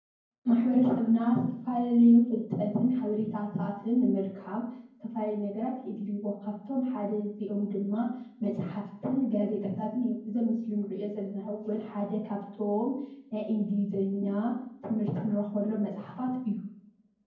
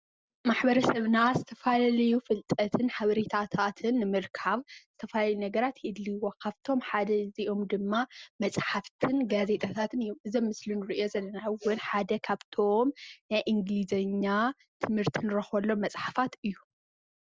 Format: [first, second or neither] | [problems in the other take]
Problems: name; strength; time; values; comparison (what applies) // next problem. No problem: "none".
second | room echo; dies away in 0.9 s